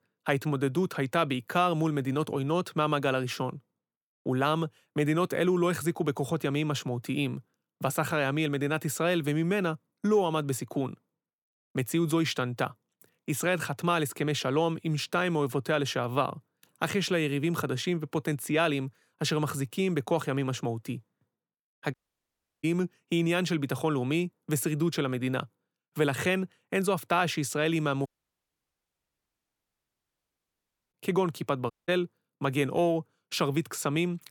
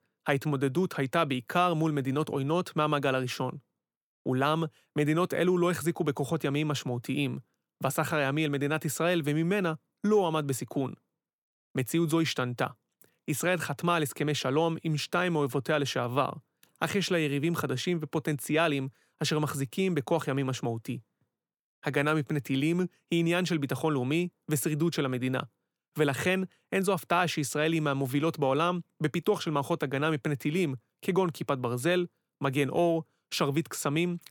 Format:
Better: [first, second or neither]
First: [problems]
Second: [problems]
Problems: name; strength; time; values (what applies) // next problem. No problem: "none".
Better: second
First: audio cutting out; at 22 s for 0.5 s, at 28 s for 3 s and at 32 s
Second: none